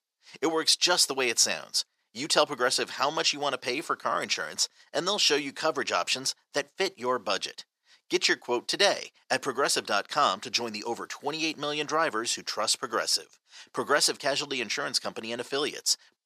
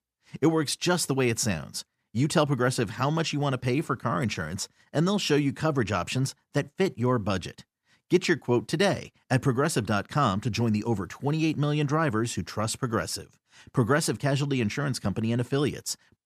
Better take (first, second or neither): second